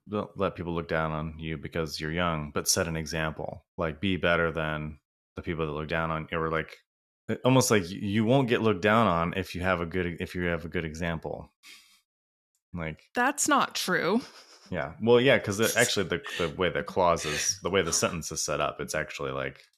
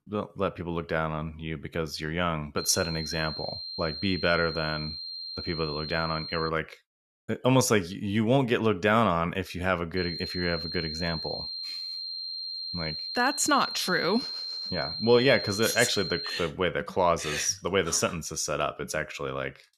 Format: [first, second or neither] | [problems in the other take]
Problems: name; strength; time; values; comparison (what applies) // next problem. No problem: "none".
first | high-pitched whine; loud; from 2.5 to 6.5 s and from 10 to 16 s; 4 kHz, 6 dB below the speech